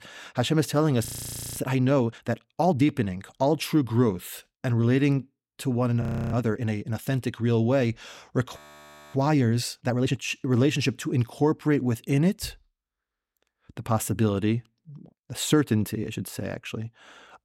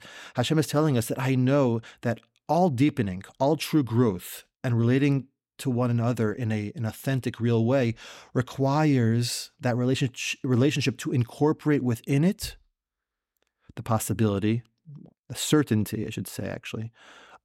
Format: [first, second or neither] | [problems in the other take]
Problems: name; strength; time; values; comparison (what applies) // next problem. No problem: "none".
second | audio freezing; at 1 s for 0.5 s, at 6 s and at 8.5 s for 0.5 s